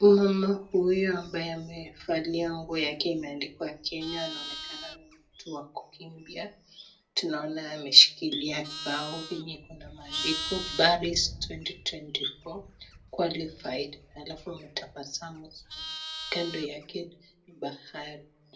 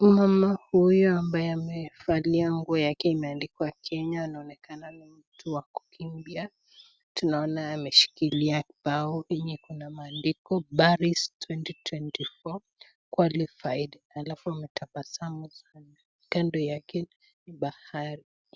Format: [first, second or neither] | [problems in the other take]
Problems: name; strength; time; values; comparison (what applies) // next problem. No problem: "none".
second | background sound (Livestock, farm animals, working animals); 14 dB below the speech // room echo; dies away in 0.2 s